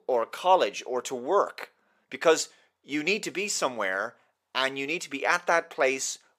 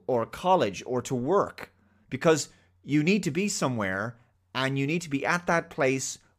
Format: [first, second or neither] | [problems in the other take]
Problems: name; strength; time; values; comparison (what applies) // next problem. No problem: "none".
second | thin; somewhat; fading below 500 Hz